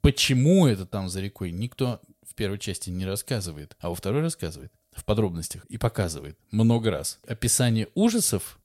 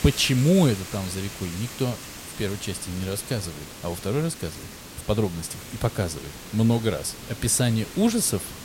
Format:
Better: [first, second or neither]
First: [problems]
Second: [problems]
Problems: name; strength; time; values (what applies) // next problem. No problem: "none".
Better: first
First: none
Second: hiss; noticeable; throughout; 10 dB below the speech